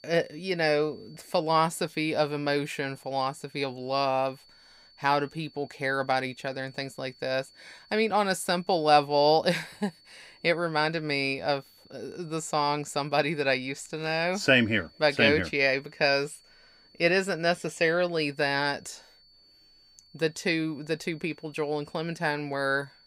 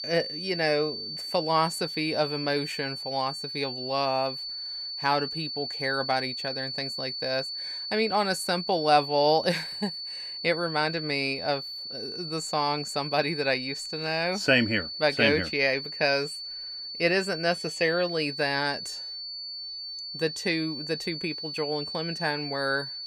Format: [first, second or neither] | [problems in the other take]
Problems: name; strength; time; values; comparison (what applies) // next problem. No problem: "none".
first | high-pitched whine; loud; throughout; 4.5 kHz, 6 dB below the speech; faint in the first